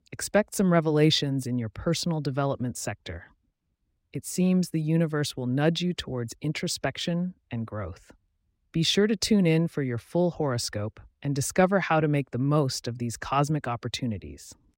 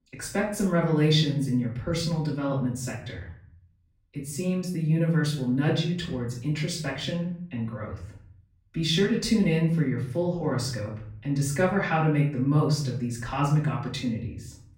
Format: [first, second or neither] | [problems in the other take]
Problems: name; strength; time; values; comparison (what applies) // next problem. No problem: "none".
first | off-mic speech; far // room echo; noticeable; dies away in 0.6 s